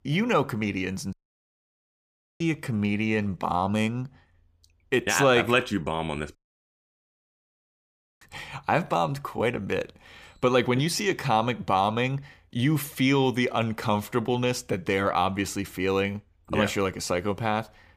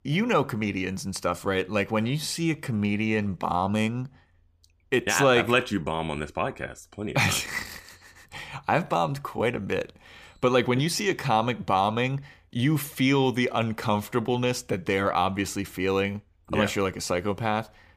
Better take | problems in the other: second | audio cutting out; at 1 s for 1.5 s and at 6.5 s for 2 s

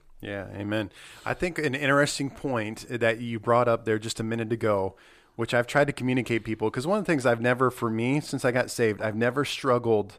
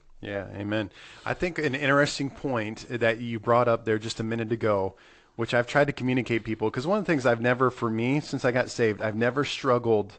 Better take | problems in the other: first | garbled, watery; slightly; nothing above 8 kHz

